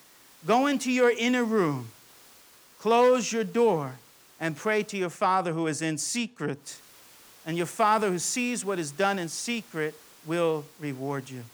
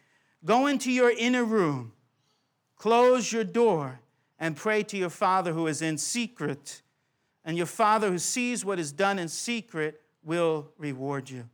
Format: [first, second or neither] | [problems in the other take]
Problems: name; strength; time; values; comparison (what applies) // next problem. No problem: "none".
second | hiss; faint; until 5 s and from 6.5 s on; 25 dB below the speech